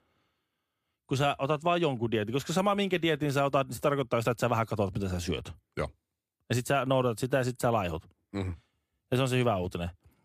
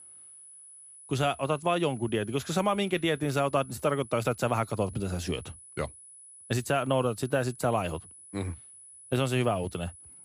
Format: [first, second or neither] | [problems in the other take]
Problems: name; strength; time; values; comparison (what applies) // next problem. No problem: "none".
first | high-pitched whine; noticeable; throughout; 10 kHz, 20 dB below the speech